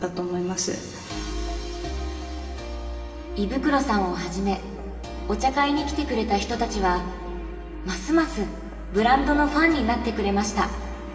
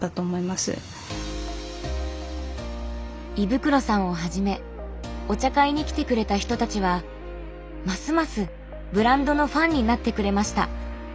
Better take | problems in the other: second | room echo; dies away in 2.8 s

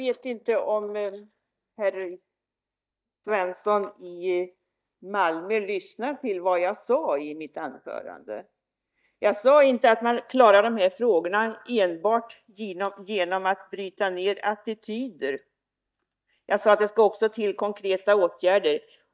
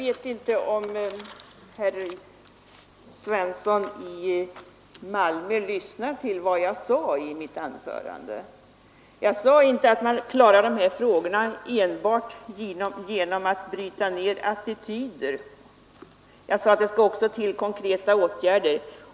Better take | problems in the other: second | noise reduction (neural mask model DeepFilterNet 3)

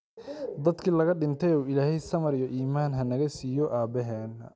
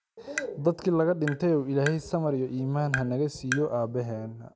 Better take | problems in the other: first | background sound (Tap); 12 dB below the speech

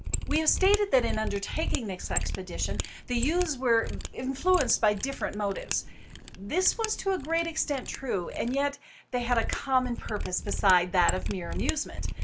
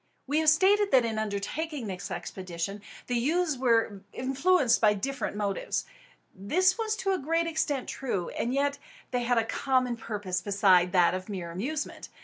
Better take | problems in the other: second | background sound (Mechanisms); 5 dB below the speech

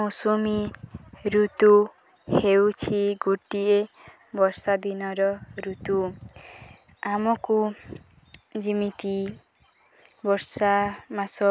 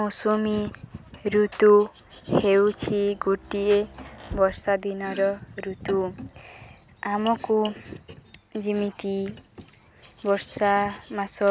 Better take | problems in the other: first | background sound (Rain + Domestic sounds, home sounds); 20 dB below the speech

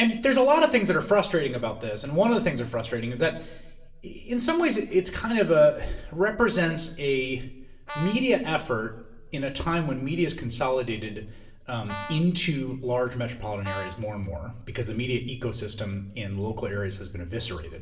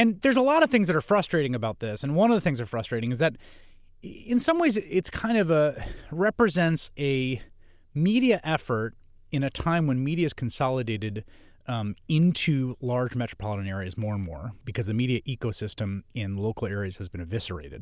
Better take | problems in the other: second | background sound (Brass instrument); 15 dB below the speech // room echo; dies away in 0.6 s

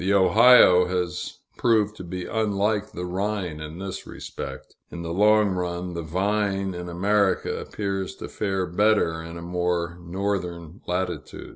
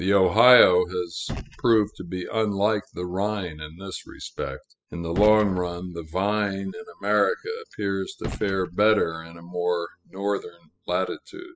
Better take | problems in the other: first | noise reduction (classical method spectral subtraction)

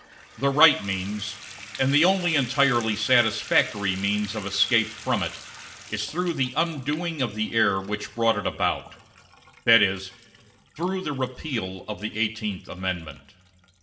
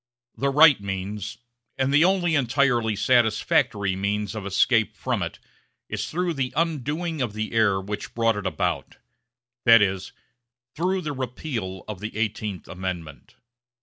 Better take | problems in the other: second | background sound (Bathtub (filling or washing) / Water tap, faucet); 18 dB below the speech // room echo; dies away in 0.7 s

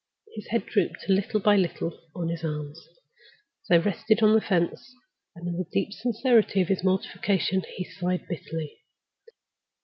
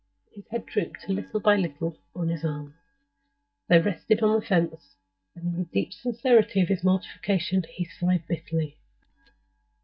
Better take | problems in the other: first | noise reduction (neural mask model DeepFilterNet 3)

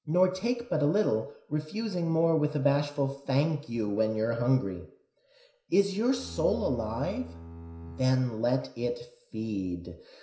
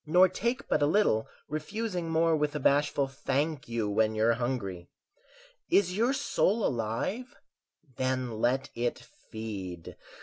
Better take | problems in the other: second | background sound (Bowed string instrument); 13 dB below the speech // room echo; dies away in 0.5 s

